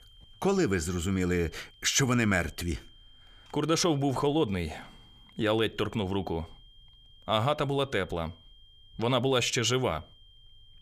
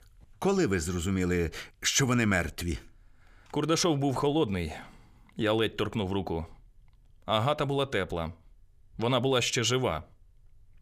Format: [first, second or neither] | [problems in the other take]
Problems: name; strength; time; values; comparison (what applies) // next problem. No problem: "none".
second | high-pitched whine; faint; throughout; 3 kHz, 25 dB below the speech